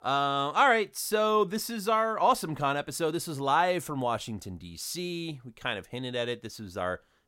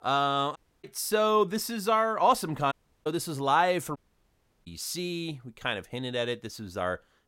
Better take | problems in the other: first | audio cutting out; at 0.5 s, at 2.5 s and at 4 s for 0.5 s

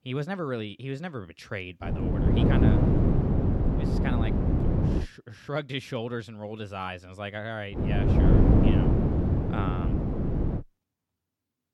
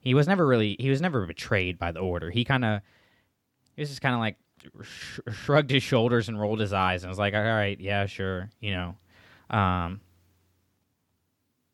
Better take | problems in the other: second | wind noise on the microphone; heavy; from 2 to 5 s and from 8 to 11 s; 4 dB above the speech

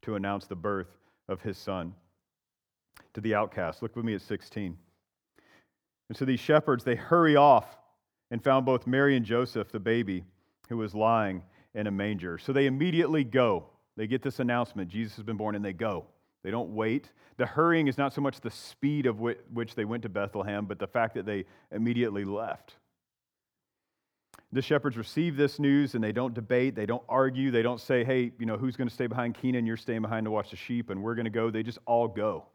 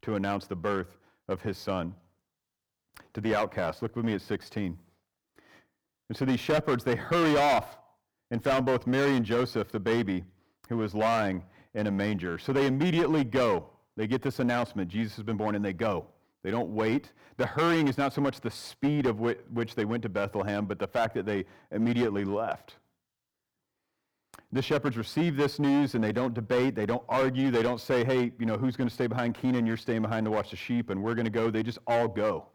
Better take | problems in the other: first | distortion; heavy; 9% of the sound clipped

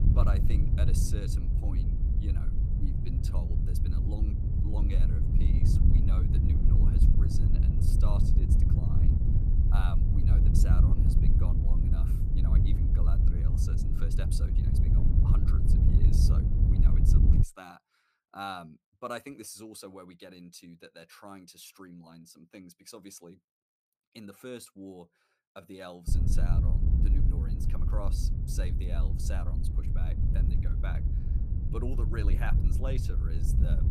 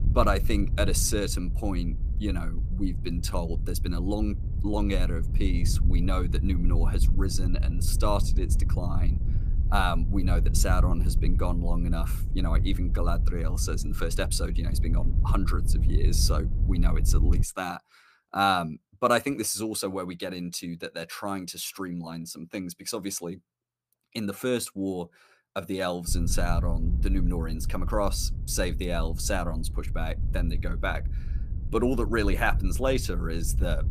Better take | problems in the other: second | wind noise on the microphone; heavy; until 17 s and from 26 s on; 1 dB above the speech; occasional gusts in the second

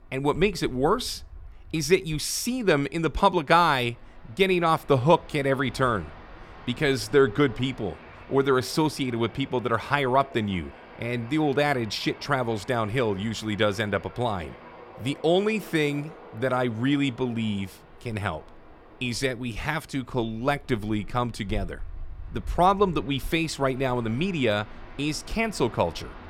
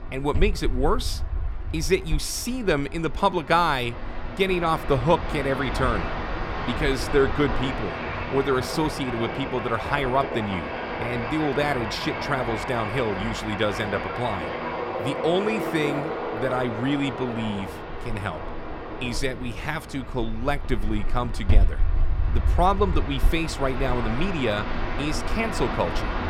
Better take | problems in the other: first | train or aircraft noise; loud; throughout; 4 dB below the speech; faint in the first

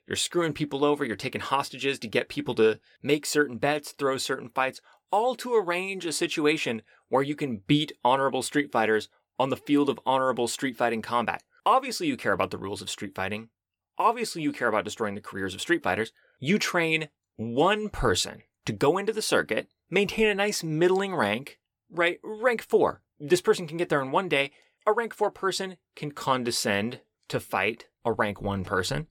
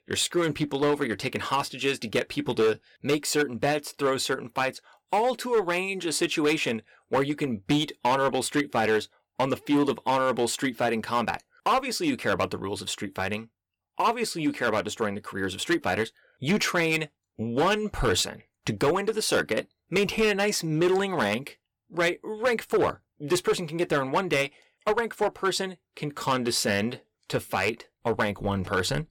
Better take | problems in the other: first | distortion; slight; 6% of the sound clipped

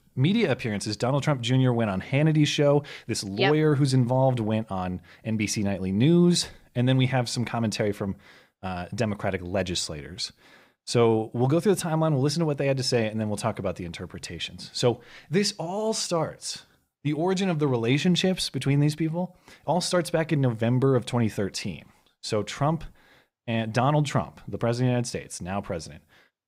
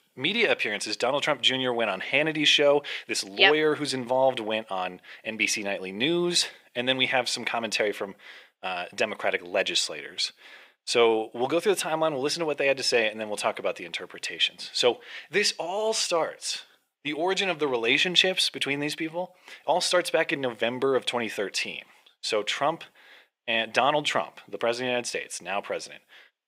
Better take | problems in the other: first | thin; somewhat; fading below 450 Hz

